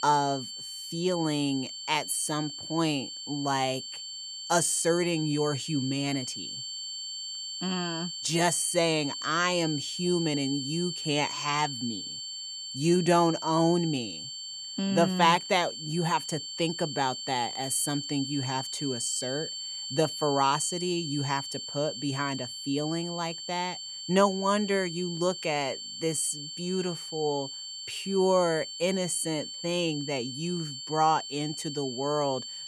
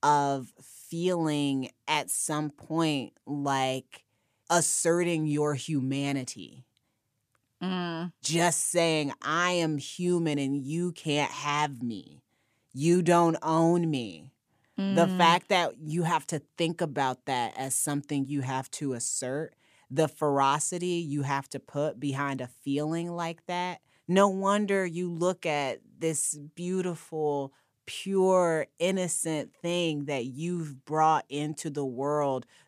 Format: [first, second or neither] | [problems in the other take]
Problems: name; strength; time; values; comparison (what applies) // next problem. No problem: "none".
second | high-pitched whine; loud; throughout; 4.5 kHz, 7 dB below the speech